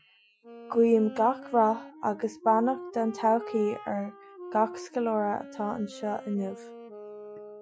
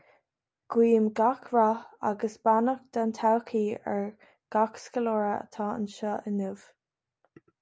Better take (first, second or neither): second